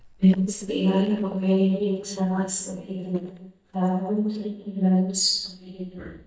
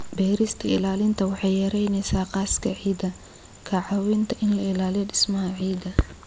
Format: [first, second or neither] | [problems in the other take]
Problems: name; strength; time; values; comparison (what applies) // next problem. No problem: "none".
second | noise reduction (neural mask model DeepFilterNet 3)